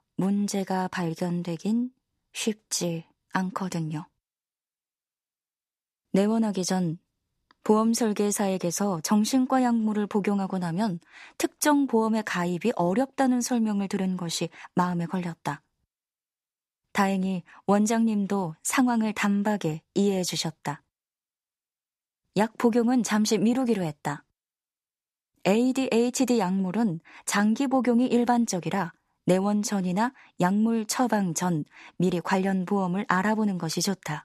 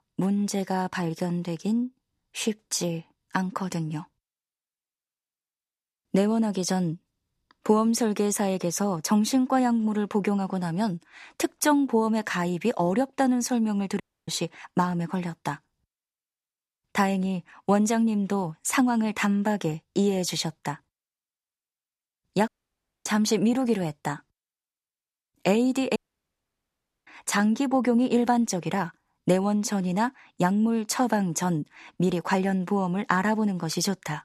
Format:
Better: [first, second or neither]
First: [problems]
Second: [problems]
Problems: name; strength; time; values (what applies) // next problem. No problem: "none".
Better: first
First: none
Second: audio cutting out; at 14 s, at 22 s for 0.5 s and at 26 s for 1 s